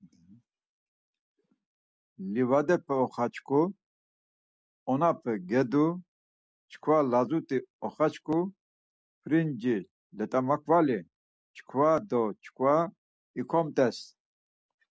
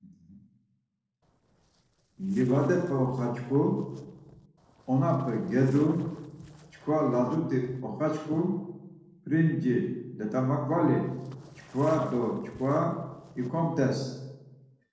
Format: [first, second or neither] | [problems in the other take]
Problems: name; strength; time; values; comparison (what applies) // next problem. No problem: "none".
first | noise reduction (neural separator model SepFormer DNS4)